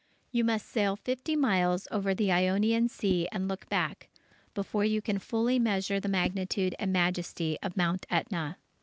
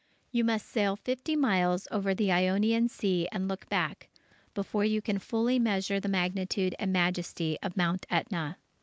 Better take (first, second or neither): second